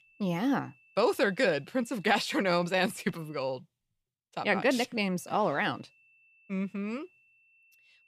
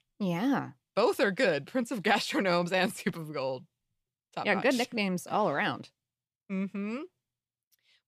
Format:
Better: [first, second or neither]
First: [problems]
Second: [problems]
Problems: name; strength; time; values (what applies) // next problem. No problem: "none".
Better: second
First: high-pitched whine; faint; until 3.5 s and from 5 s on; 2.5 kHz, 30 dB below the speech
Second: none